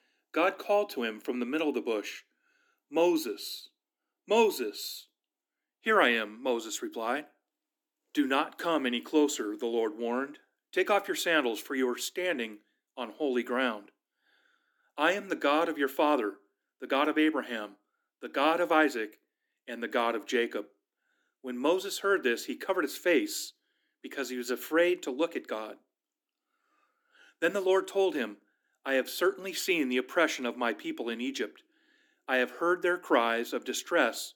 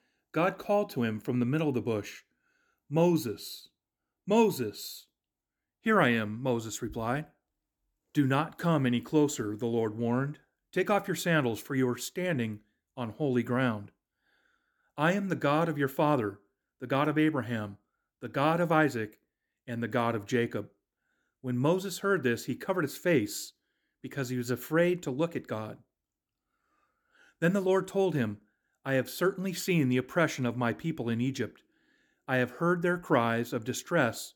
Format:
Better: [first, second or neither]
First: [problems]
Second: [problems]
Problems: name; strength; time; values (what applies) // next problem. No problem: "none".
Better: second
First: thin; very slightly; fading below 250 Hz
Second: none